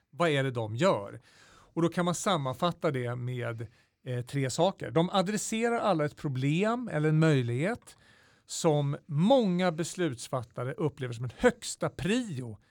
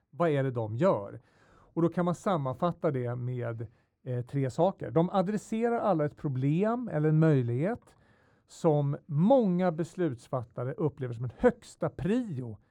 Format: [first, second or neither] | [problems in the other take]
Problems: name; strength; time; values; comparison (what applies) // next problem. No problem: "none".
first | muffled; slightly; fading above 1.5 kHz